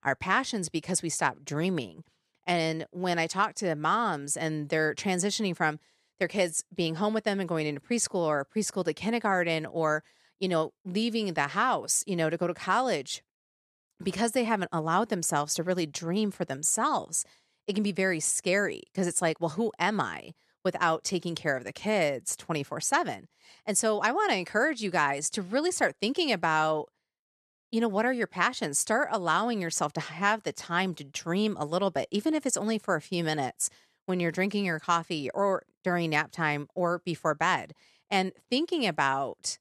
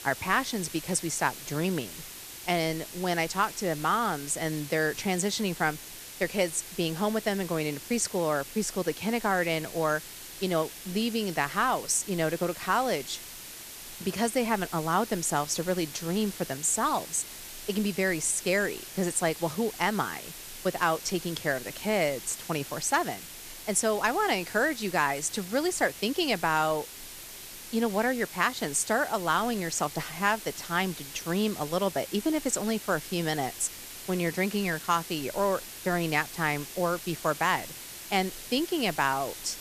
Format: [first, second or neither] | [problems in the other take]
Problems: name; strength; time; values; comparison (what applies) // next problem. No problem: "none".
first | hiss; noticeable; throughout; 10 dB below the speech